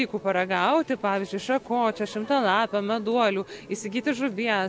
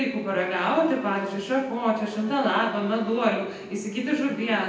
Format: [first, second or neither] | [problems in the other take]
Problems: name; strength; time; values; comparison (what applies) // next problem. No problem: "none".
first | background sound (Telephone); 17 dB below the speech // room echo; dies away in 0.9 s